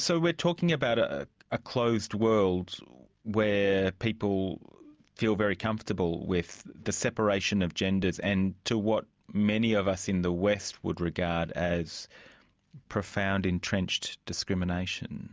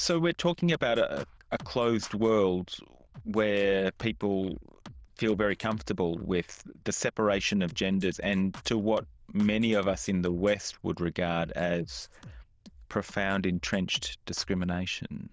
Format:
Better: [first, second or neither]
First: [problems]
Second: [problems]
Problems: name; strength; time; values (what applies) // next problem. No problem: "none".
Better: first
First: none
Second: noise reduction (neural diffusion model UNIVERSE++)